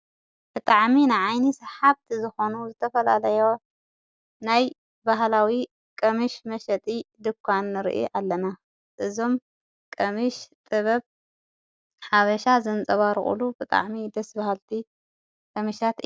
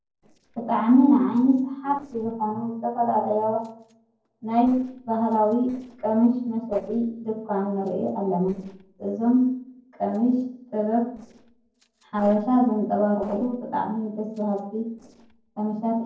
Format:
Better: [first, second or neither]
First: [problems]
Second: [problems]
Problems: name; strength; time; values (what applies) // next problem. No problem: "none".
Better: first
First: none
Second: noise reduction (neural separator model SepFormer DNS4)